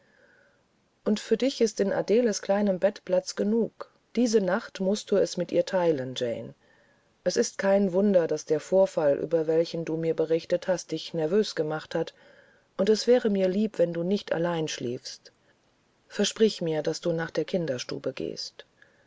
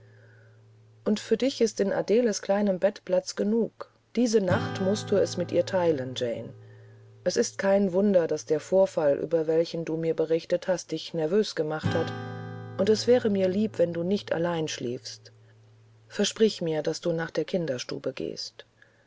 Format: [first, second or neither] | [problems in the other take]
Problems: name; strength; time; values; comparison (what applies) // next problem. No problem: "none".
first | background sound (Acoustic guitar / Strum); 15 dB below the speech